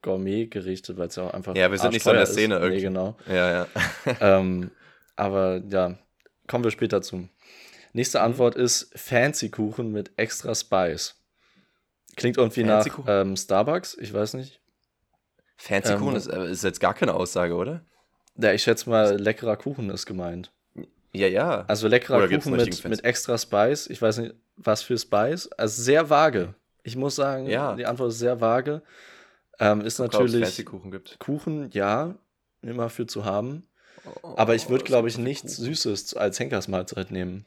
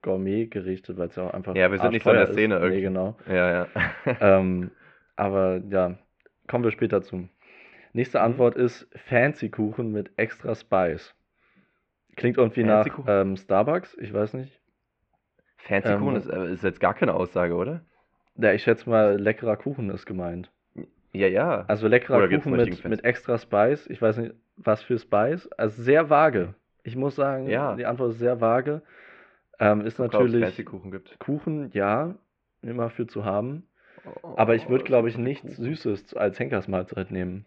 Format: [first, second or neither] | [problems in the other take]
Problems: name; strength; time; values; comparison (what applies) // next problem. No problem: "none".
first | muffled; very; fading above 2.5 kHz